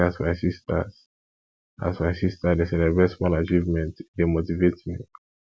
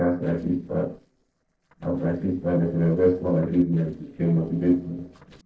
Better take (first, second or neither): first